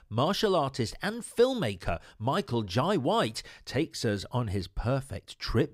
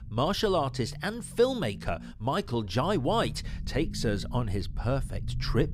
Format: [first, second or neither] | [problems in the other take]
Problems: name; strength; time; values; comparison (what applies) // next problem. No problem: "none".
first | low rumble; faint; throughout; 20 dB below the speech